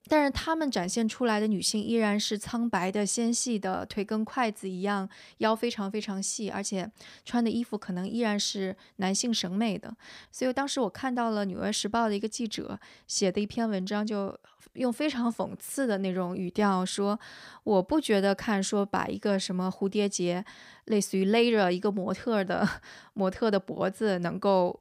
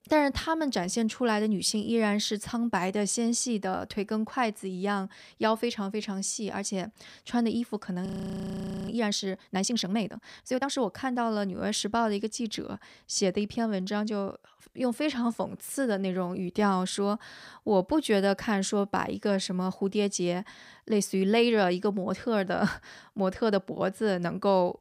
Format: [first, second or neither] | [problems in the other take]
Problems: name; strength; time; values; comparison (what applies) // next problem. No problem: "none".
first | audio freezing; at 8 s for 1 s